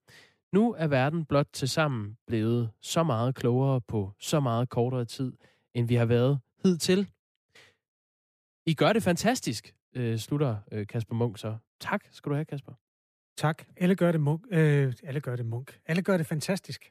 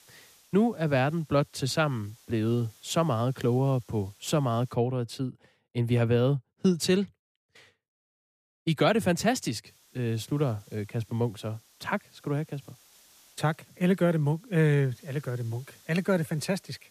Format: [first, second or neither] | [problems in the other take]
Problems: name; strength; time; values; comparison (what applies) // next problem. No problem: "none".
first | hiss; faint; until 4.5 s and from 9.5 s on; 30 dB below the speech